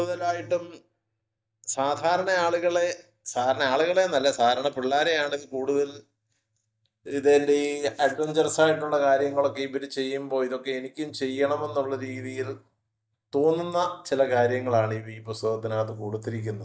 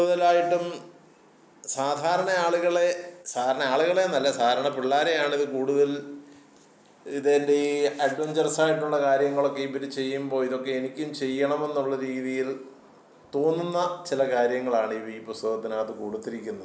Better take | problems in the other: second | noise reduction (neural mask model DeepFilterNet 3)

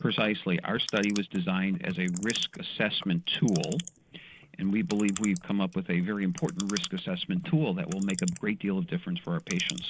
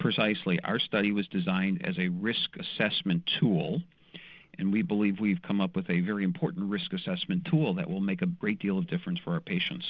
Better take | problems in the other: second | noise reduction (neural mask model Resemble Enhance denoiser)

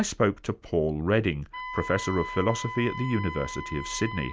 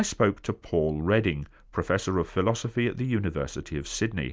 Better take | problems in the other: second | background sound (Wind instrument, woodwind instrument); 11 dB below the speech

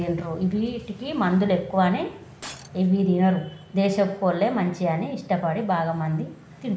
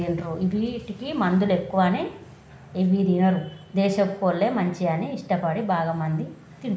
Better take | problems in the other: second | background sound (Shatter); 20 dB below the speech

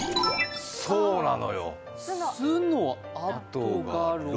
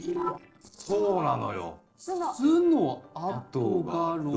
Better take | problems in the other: first | noise reduction (neural separator model SepFormer DNS4)

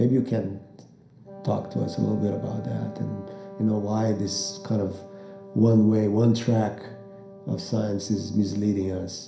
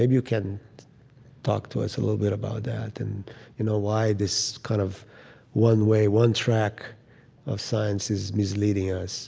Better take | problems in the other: second | background sound (Wind instrument, woodwind instrument); 17 dB below the speech // room echo; dies away in 0.5 s

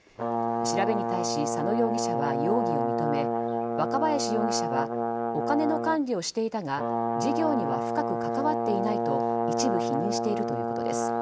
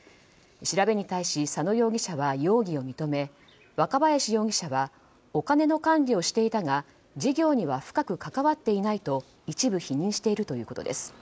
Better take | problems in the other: second | background sound (Brass instrument); 2 dB above the speech

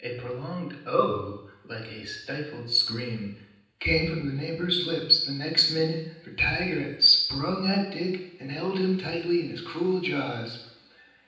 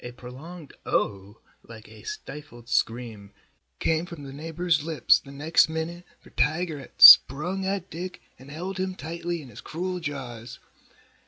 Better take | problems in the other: second | room echo; dies away in 0.9 s

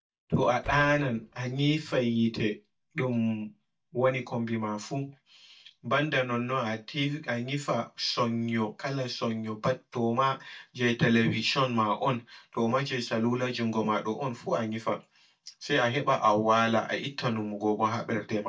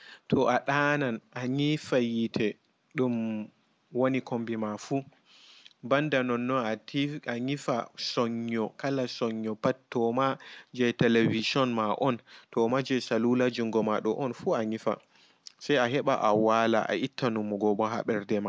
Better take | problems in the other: second | noise reduction (neural mask model DeepFilterNet 3)

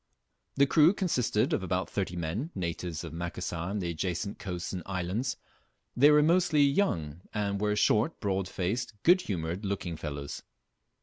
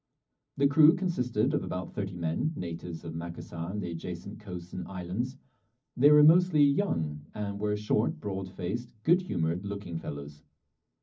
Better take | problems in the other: first | room echo; dies away in 0.4 s

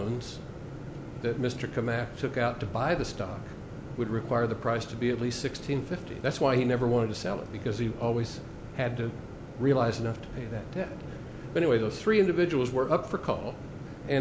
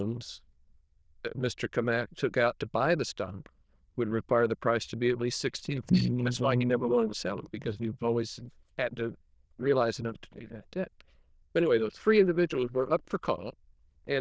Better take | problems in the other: first | noise reduction (neural diffusion model UNIVERSE++)

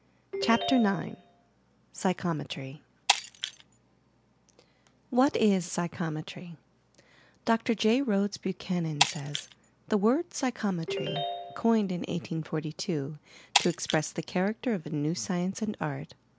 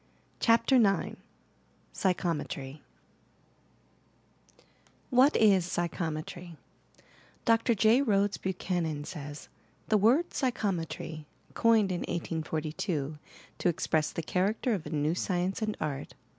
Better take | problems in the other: second | background sound (Ringtone + Shatter); 5 dB below the speech

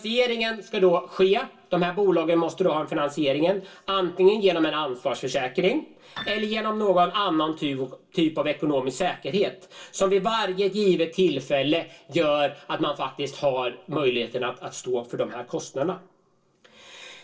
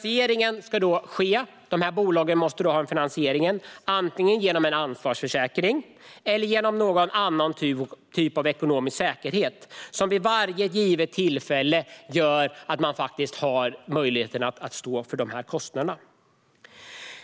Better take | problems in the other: second | noise reduction (neural separator model SepFormer DNS4)

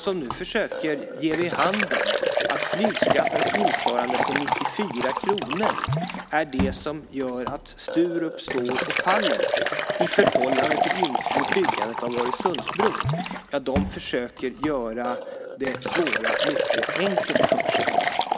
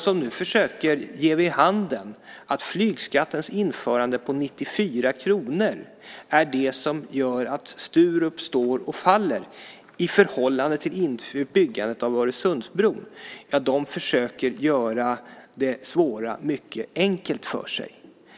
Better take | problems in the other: second | background sound (Liquid); 2 dB above the speech

